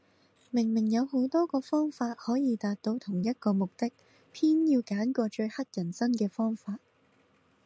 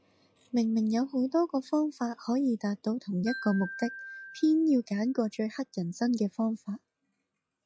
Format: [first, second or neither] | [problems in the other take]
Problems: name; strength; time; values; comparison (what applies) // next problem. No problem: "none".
first | noise reduction (classical method log-MMSE)